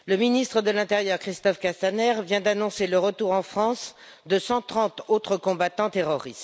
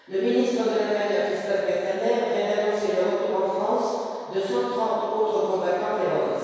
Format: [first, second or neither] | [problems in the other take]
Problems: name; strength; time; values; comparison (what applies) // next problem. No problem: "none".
first | room echo; dies away in 2.2 s